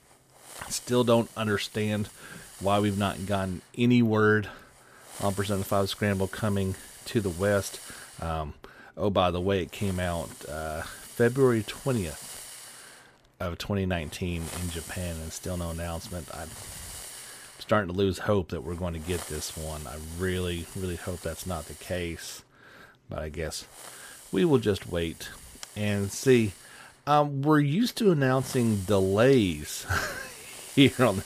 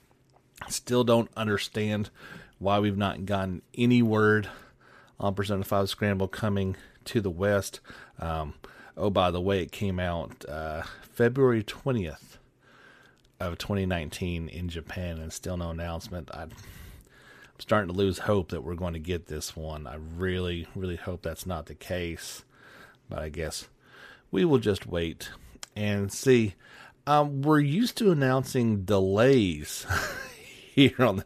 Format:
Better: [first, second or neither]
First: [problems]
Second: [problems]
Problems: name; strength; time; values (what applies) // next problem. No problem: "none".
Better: second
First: hiss; noticeable; throughout; 15 dB below the speech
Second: none